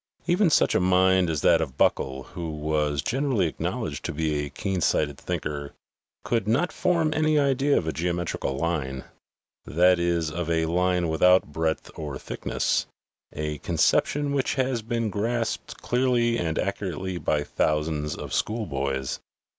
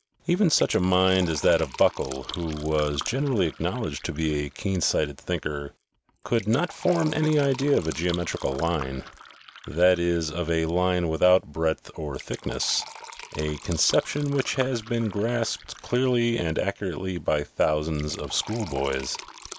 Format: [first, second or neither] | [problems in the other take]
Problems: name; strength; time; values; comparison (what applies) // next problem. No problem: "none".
first | background sound (Fill (with liquid)); 18 dB below the speech